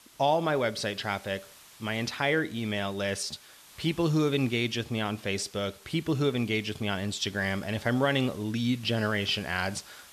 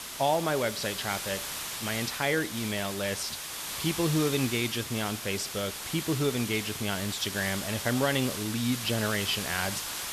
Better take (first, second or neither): first